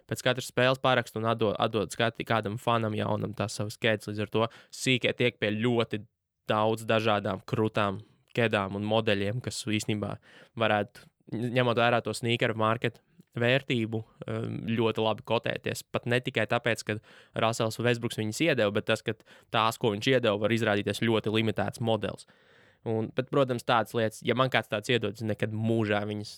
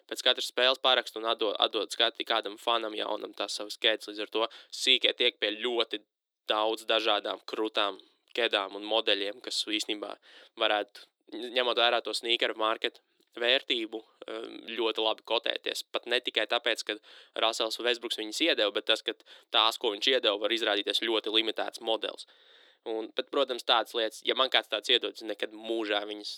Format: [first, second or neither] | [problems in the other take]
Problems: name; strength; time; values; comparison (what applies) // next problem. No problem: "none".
first | thin; very; fading below 300 Hz